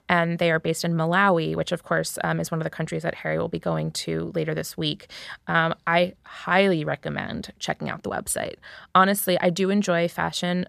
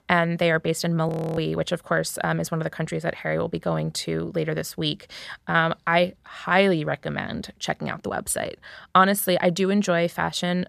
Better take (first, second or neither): first